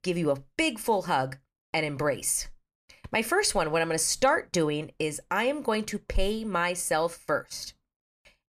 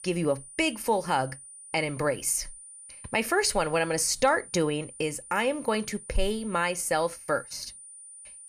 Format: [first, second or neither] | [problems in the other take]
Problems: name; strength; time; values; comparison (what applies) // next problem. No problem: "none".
first | high-pitched whine; noticeable; throughout; 9.5 kHz, 15 dB below the speech